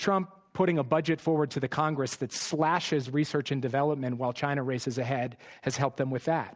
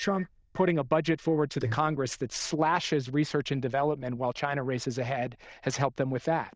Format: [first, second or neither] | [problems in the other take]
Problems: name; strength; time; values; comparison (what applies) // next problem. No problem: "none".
first | noise reduction (neural diffusion model UNIVERSE++)